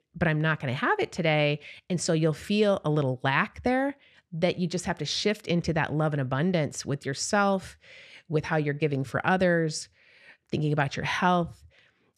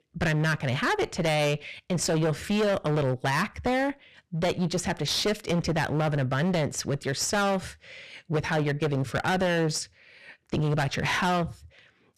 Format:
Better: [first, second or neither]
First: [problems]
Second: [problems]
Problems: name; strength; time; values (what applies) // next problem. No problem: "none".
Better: first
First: none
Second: distortion; heavy; 20% of the sound clipped